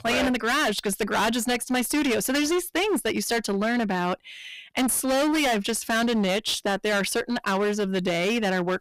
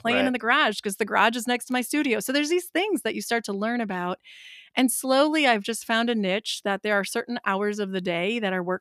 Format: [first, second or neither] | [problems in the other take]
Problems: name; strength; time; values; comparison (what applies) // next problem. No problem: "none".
second | distortion; heavy; 26% of the sound clipped